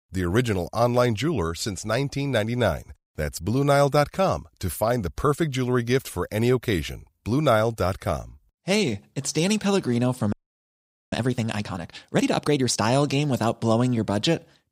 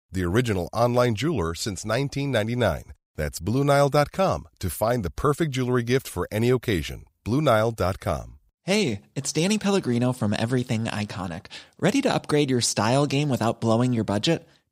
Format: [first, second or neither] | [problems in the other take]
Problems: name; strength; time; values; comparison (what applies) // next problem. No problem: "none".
second | audio freezing; at 10 s for 1 s